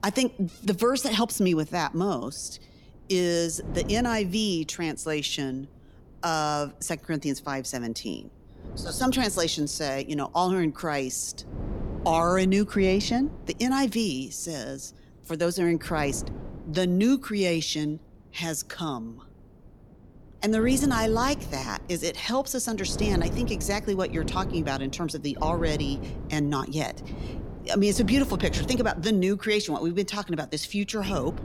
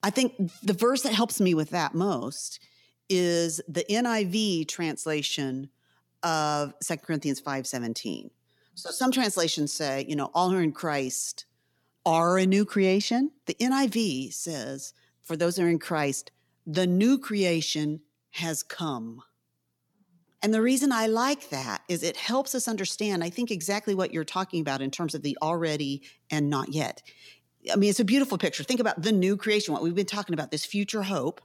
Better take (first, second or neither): second